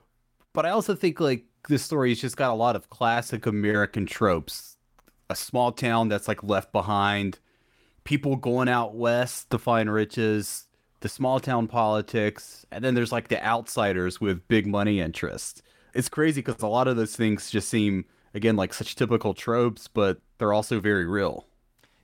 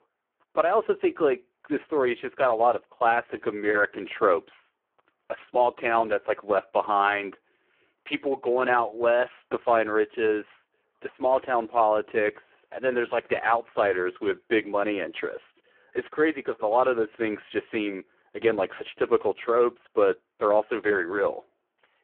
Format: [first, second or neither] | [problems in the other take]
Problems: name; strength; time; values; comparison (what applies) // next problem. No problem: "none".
first | phone-call audio; poor line